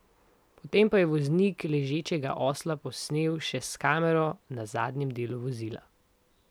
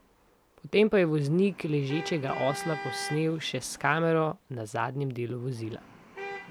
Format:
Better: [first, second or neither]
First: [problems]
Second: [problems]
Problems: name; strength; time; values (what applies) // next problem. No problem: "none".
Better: first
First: none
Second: background sound (Traffic noise, roadway noise / Vehicle horn, car horn, honking); 14 dB below the speech